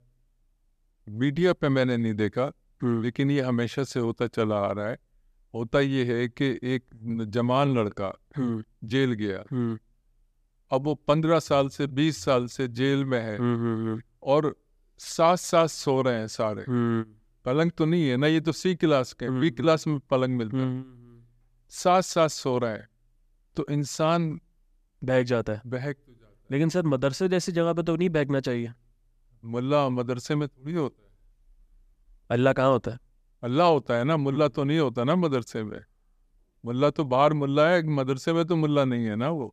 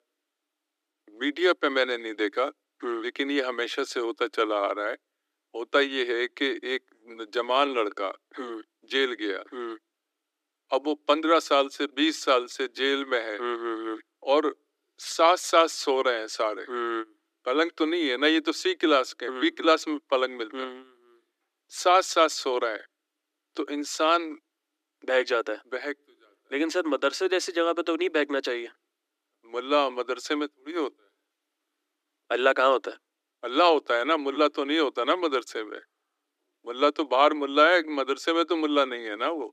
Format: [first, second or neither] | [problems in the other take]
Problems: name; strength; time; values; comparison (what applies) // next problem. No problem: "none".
first | thin; somewhat; fading below 300 Hz